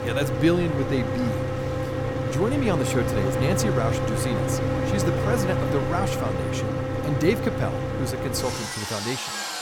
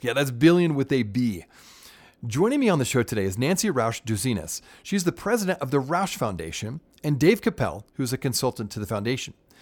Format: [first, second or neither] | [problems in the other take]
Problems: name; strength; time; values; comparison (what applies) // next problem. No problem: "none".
second | machinery noise; very loud; throughout; 1 dB above the speech